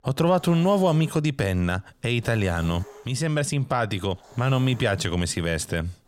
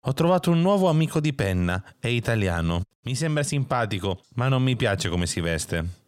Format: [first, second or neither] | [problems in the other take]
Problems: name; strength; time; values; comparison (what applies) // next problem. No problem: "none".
second | hiss; faint; throughout; 25 dB below the speech